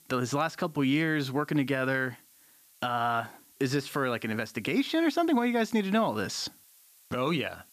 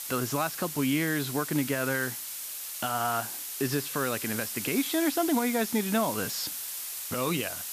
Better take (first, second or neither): first